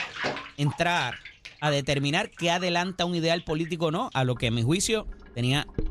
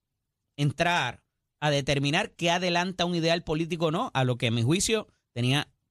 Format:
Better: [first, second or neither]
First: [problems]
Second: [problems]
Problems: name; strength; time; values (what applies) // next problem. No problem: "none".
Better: second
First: household noises; noticeable; throughout; 15 dB below the speech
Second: none